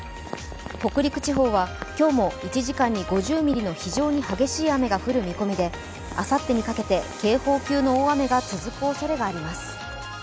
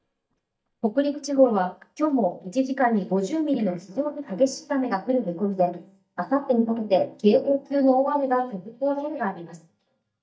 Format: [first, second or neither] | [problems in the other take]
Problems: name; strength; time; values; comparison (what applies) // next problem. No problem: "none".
first | noise reduction (neural mask model DeepFilterNet 3)